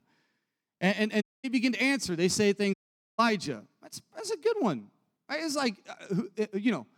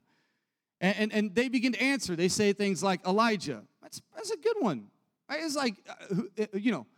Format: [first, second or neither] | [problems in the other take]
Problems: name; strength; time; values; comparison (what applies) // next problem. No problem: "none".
second | audio cutting out; at 1 s and at 2.5 s